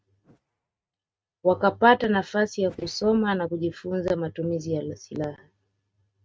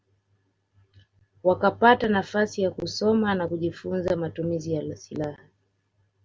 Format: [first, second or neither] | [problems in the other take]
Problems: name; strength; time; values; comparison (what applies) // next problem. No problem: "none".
second | noise reduction (neural mask model RNNoise)